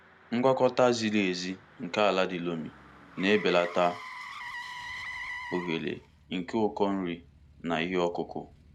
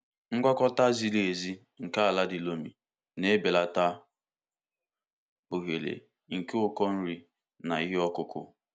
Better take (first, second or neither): second